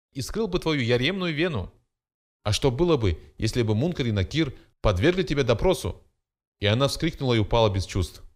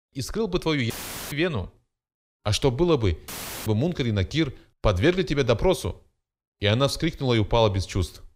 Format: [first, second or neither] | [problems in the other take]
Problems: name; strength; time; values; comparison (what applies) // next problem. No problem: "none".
first | audio cutting out; filled with static; at 1 s and at 3.5 s